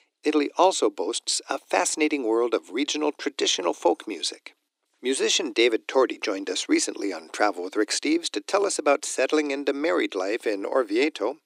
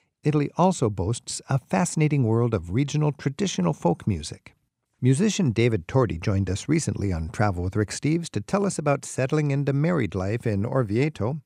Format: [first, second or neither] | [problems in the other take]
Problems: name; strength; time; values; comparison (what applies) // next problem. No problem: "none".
second | thin; somewhat; fading below 300 Hz